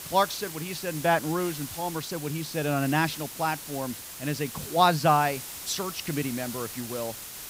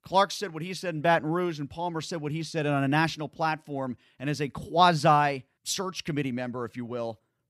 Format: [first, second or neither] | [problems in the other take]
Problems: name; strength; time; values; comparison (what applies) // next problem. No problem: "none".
second | hiss; loud; throughout; 9 dB below the speech